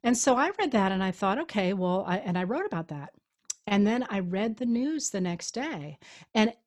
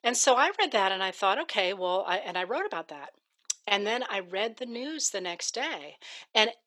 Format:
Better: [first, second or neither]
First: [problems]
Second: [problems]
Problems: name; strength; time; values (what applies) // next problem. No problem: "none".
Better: first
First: none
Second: thin; very; fading below 450 Hz